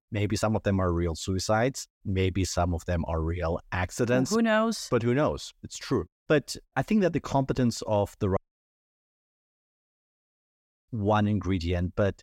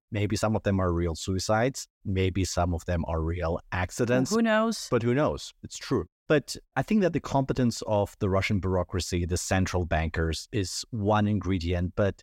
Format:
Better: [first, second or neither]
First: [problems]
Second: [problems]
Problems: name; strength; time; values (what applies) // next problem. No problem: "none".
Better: second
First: audio cutting out; at 8.5 s for 2.5 s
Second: none